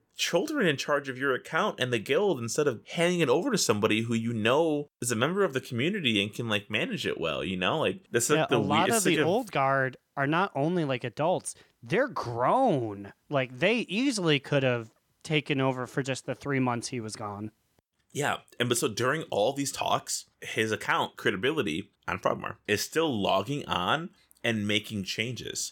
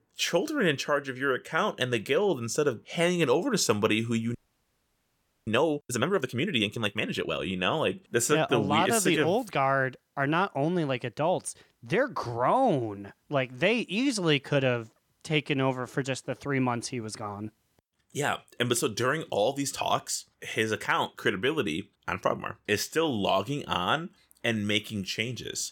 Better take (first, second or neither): first